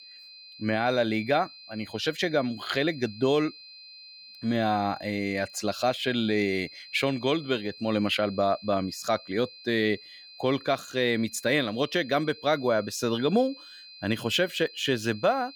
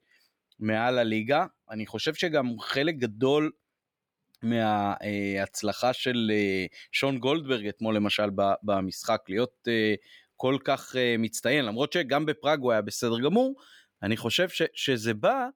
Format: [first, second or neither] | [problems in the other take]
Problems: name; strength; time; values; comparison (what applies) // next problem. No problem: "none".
second | high-pitched whine; noticeable; throughout; 4 kHz, 20 dB below the speech